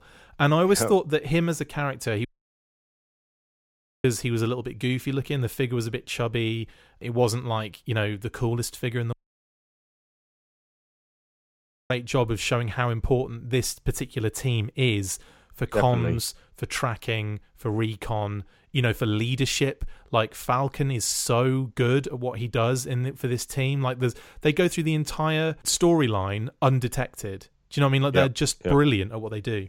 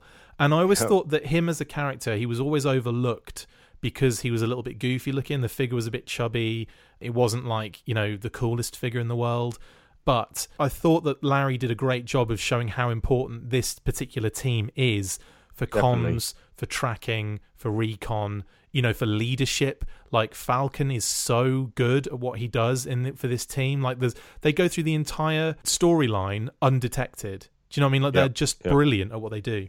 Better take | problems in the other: second | audio cutting out; at 2.5 s for 2 s and at 9 s for 3 s

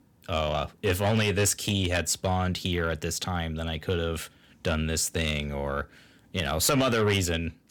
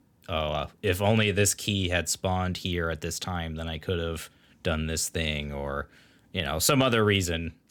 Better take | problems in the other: second | distortion; slight; 10 dB below the speech

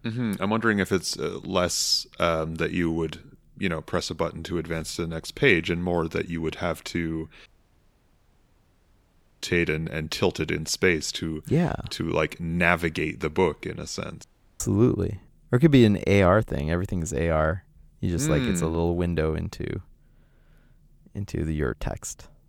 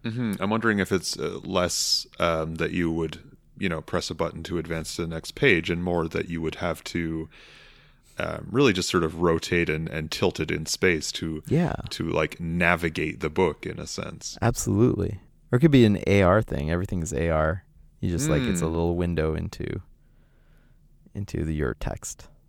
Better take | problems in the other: second | audio cutting out; at 7.5 s for 2 s and at 14 s

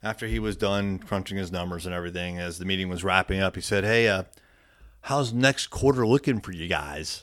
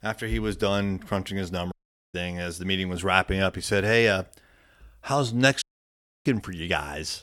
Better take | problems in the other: first | audio cutting out; at 1.5 s and at 5.5 s for 0.5 s

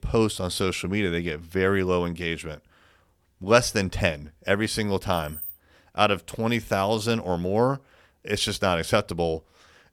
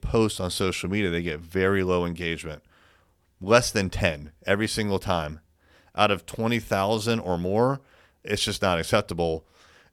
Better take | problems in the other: second | jangling keys; noticeable; at 5 s; peak 10 dB below the speech

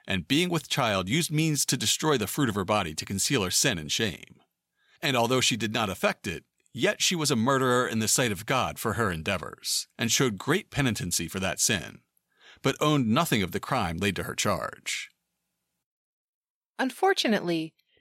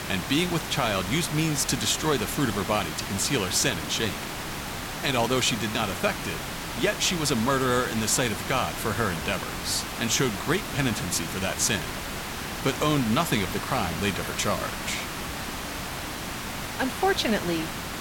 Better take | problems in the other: first | hiss; loud; throughout; 6 dB below the speech

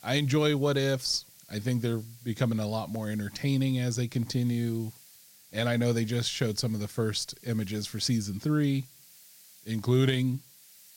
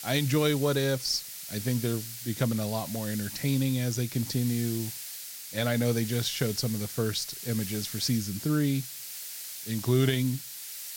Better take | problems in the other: first | hiss; loud; throughout; 8 dB below the speech; faint in the first

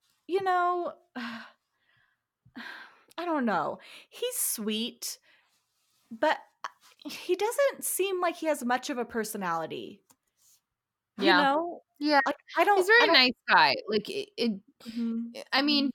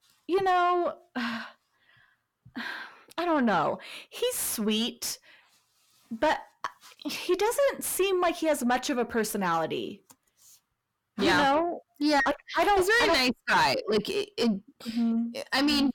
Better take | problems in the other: first | distortion; heavy; 7 dB below the speech

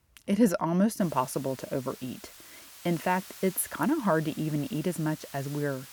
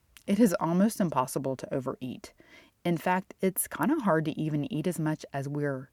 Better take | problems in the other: second | hiss; noticeable; from 1 s on; 15 dB below the speech

